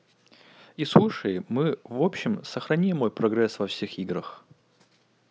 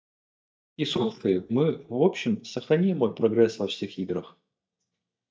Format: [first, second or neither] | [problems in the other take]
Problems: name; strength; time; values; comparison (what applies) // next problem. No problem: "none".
first | noise reduction (neural mask model DeepFilterNet 3)